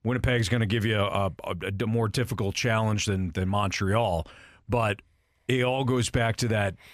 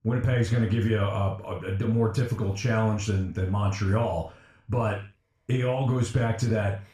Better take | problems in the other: first | room echo; slight; dies away in 0.4 s // off-mic speech; far

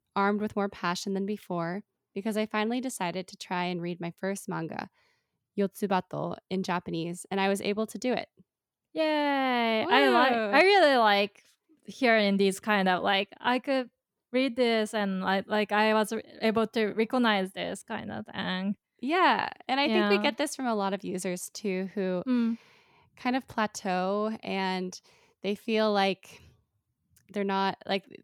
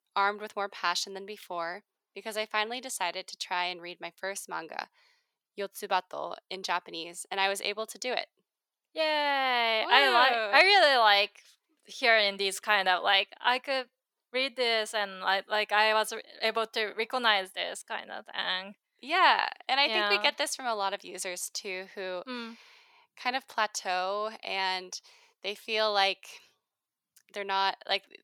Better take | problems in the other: first | thin; very; fading below 650 Hz

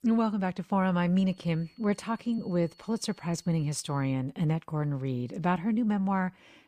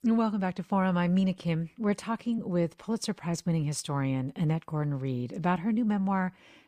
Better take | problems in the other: second | high-pitched whine; faint; from 1.5 to 4 s; 4.5 kHz, 30 dB below the speech

